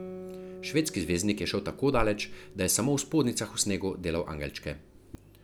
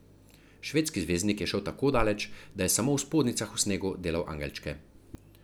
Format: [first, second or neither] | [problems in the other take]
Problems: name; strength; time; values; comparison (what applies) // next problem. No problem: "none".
second | background sound (Guitar); 17 dB below the speech